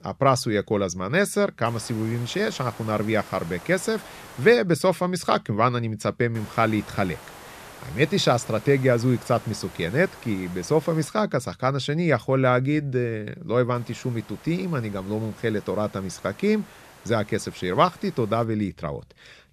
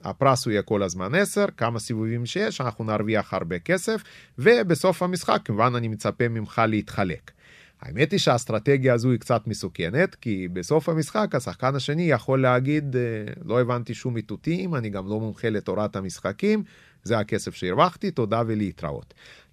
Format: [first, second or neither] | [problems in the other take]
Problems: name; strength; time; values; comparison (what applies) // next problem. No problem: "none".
second | hiss; noticeable; from 1.5 to 4.5 s, from 6.5 to 11 s and from 14 to 18 s; 20 dB below the speech